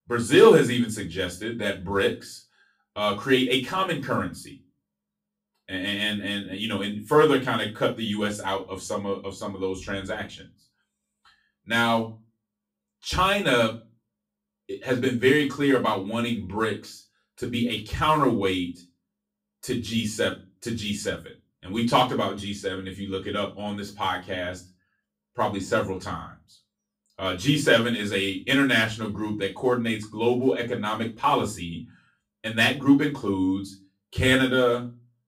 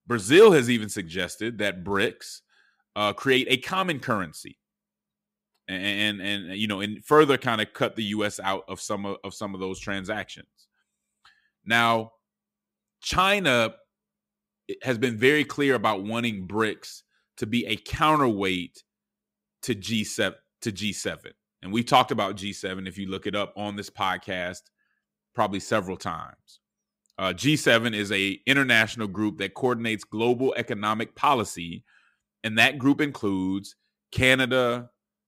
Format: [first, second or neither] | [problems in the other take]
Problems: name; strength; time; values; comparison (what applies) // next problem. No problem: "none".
second | off-mic speech; far // room echo; very slight; dies away in 0.3 s